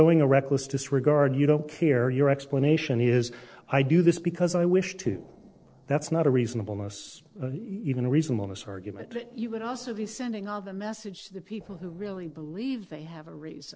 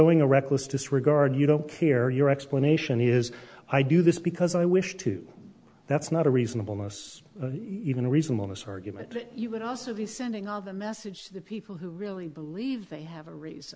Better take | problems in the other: second | noise reduction (neural separator model SepFormer DNS4)

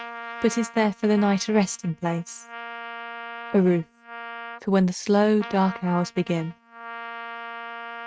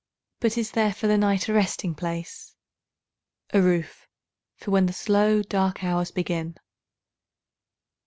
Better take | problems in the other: second | noise reduction (neural mask model RNNoise)

